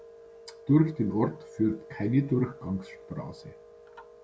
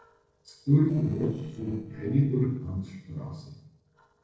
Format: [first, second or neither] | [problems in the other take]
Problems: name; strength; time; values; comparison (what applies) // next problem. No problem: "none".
first | noise reduction (neural separator model SepFormer DNS4)